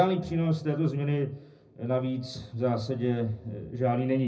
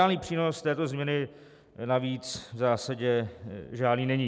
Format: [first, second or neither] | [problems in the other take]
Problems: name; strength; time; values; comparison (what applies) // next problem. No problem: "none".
second | room echo; dies away in 0.4 s